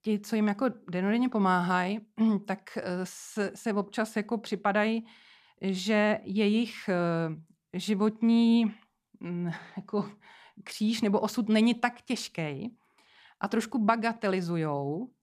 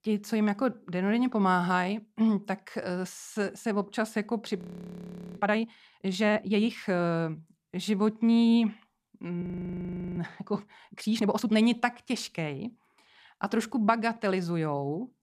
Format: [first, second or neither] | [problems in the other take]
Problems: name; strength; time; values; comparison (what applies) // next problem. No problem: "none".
first | audio freezing; at 4.5 s for 1 s and at 9.5 s for 1 s